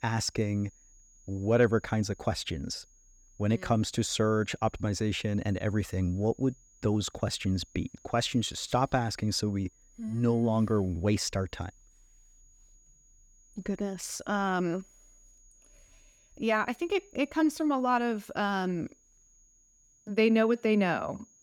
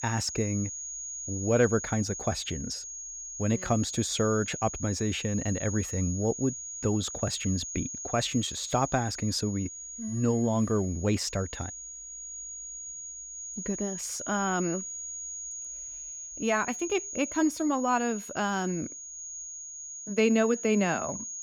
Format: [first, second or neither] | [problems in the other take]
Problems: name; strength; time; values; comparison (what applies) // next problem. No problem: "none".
first | high-pitched whine; loud; throughout; 6.5 kHz, 7 dB below the speech; faint in the first